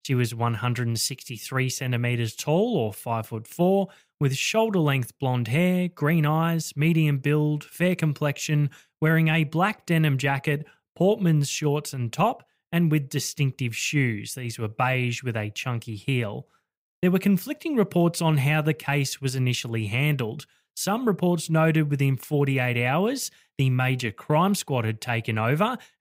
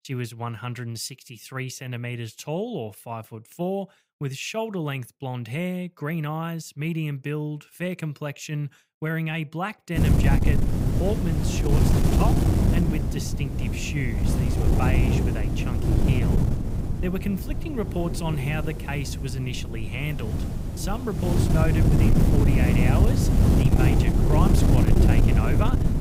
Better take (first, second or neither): first